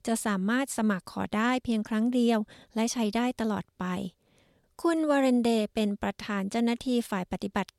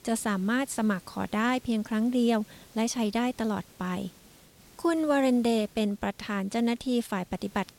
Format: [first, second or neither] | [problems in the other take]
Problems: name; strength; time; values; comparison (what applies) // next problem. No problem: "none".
first | hiss; faint; throughout; 25 dB below the speech